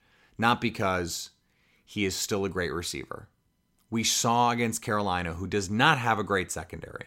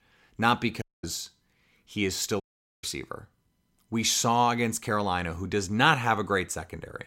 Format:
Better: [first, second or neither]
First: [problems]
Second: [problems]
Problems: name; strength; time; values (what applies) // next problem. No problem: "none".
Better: first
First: none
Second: audio cutting out; at 1 s and at 2.5 s